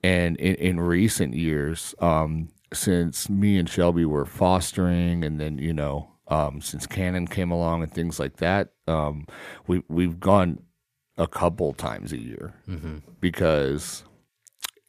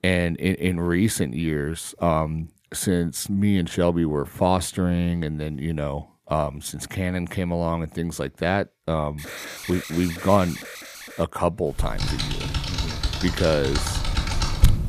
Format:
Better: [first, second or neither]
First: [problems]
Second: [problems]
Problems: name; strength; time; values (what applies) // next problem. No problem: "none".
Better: first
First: none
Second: alarm; noticeable; from 9 to 11 s; peak 9 dB below the speech // keyboard typing; loud; from 12 s on; peak 3 dB above the speech